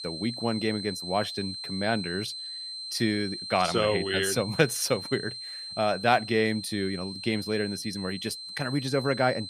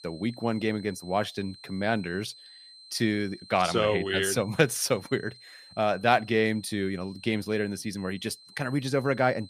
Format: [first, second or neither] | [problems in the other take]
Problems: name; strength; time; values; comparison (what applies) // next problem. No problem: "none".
second | high-pitched whine; loud; throughout; 4 kHz, 8 dB below the speech; faint in the second